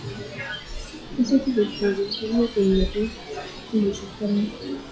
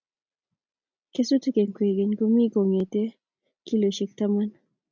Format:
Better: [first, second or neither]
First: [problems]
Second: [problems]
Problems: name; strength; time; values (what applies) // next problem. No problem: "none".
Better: second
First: noise reduction (classical method log-MMSE)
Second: none